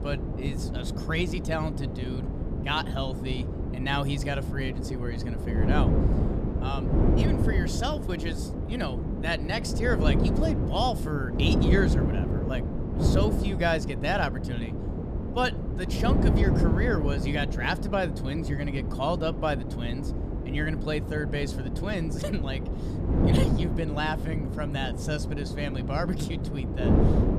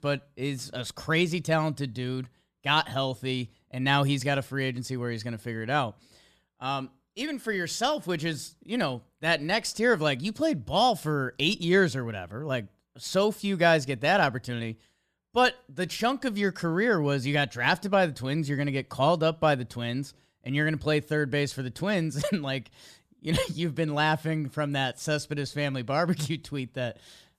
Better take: second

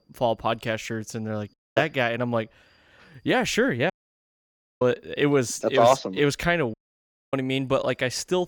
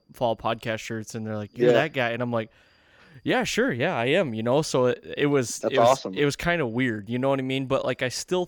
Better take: second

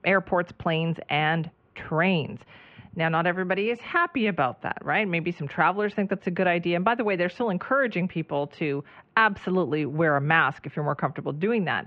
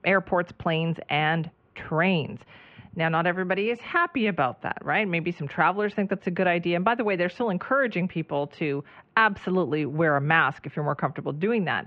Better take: neither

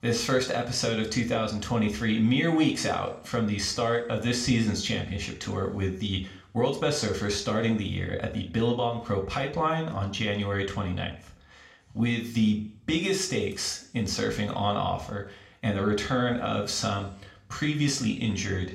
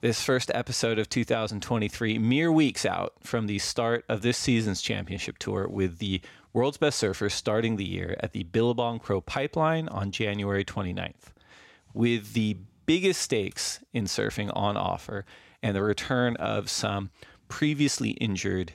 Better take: second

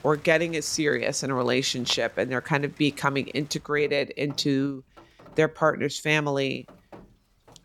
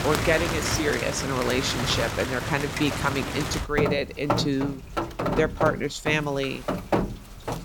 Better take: first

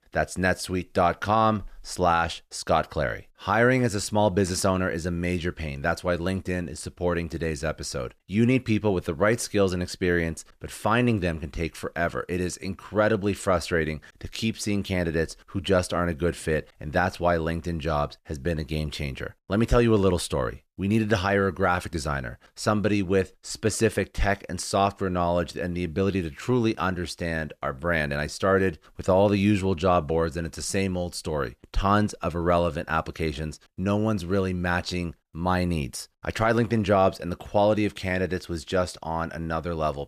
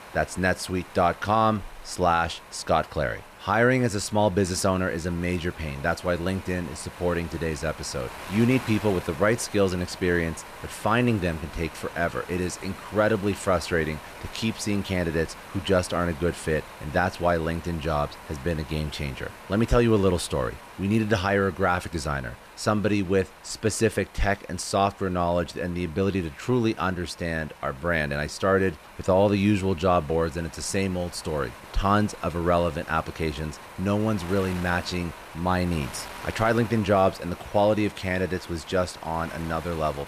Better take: first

